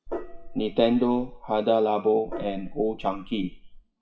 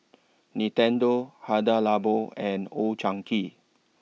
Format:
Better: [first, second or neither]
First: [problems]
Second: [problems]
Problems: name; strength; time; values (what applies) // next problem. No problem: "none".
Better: second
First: noise reduction (classical method WPE with log-MMSE)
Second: none